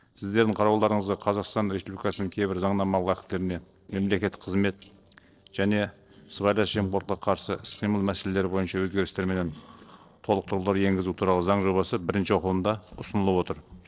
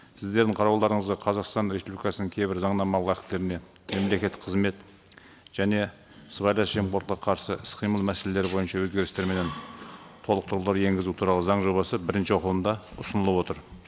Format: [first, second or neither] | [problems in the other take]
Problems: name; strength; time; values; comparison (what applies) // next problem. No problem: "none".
second | noise reduction (neural separator model SepFormer DNS4)